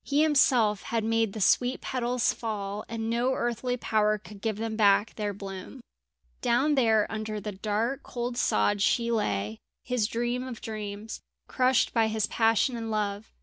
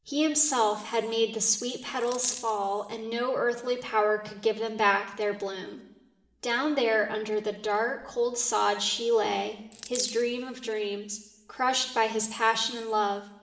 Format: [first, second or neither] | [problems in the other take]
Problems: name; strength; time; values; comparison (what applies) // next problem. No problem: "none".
first | background sound (Coin (dropping)); 11 dB below the speech // room echo; dies away in 1.1 s